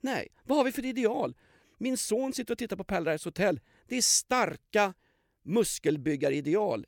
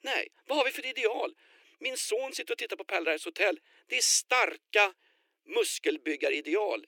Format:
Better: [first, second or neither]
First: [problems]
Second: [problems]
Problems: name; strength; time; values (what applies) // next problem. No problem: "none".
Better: first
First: none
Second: thin; very; fading below 300 Hz